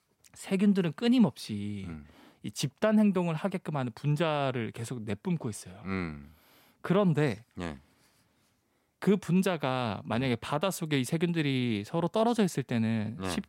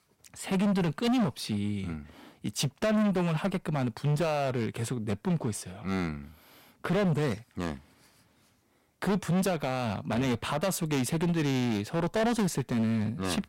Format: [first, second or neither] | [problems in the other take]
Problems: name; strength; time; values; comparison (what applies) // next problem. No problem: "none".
first | distortion; heavy; 15% of the sound clipped